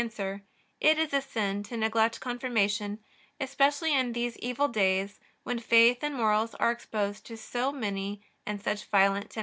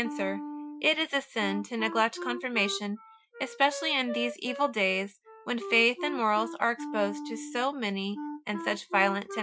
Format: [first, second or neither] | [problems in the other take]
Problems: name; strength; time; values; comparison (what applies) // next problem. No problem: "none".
first | noise reduction (classical method Wiener filter)